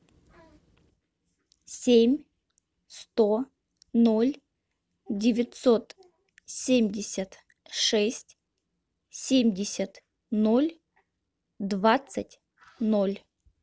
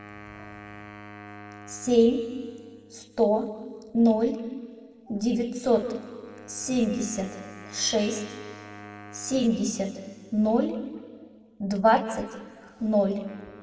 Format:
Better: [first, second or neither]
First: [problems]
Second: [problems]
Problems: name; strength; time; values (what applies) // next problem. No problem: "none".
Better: first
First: none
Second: background sound (Wind instrument, woodwind instrument); 20 dB below the speech // room echo; dies away in 1.7 s